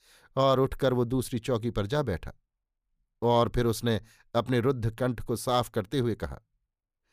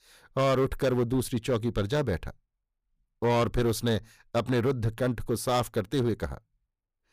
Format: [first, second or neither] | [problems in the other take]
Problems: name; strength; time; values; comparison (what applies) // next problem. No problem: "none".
first | distortion; slight; 7% of the sound clipped